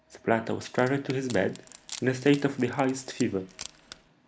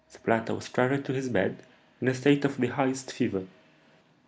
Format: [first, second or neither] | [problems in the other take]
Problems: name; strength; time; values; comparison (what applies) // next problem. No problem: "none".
second | background sound (Wood); 18 dB below the speech